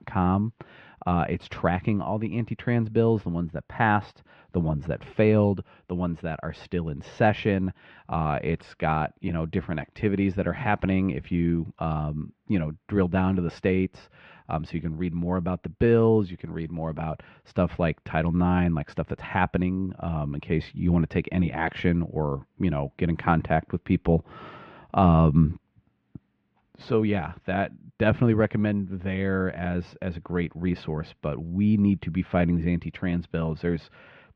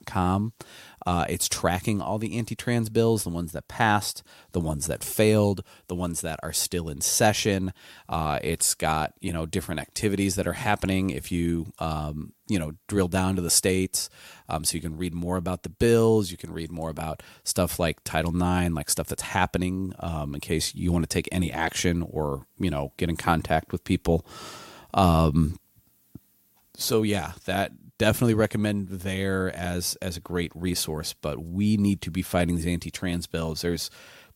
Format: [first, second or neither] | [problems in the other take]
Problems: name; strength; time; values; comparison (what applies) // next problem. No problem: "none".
second | muffled; very; fading above 2.5 kHz